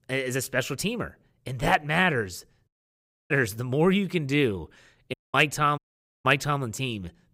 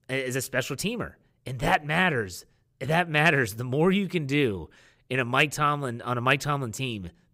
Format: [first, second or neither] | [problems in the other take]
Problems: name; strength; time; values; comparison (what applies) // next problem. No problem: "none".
second | audio cutting out; at 2.5 s for 0.5 s, at 5 s and at 6 s